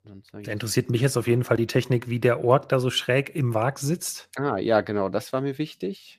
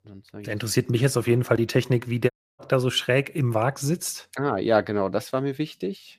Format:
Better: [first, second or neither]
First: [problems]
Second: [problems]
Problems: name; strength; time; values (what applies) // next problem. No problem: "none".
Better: first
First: none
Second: audio cutting out; at 2.5 s